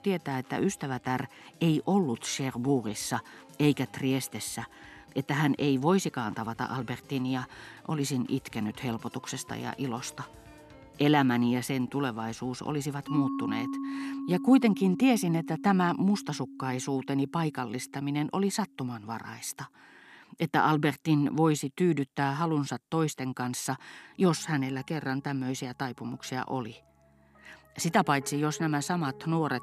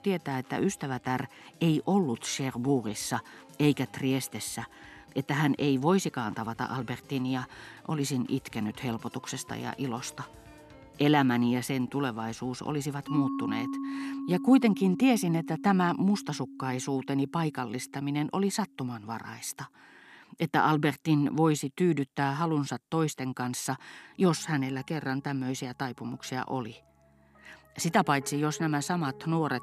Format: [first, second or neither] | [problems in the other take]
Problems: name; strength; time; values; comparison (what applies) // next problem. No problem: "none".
neither | background music; noticeable; throughout; 15 dB below the speech; the same in both